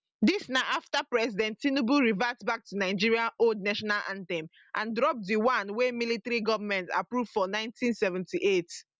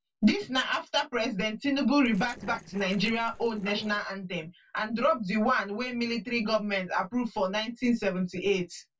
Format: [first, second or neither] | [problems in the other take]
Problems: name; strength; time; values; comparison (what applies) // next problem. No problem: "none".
first | noise reduction (neural separator model SepFormer DNS4)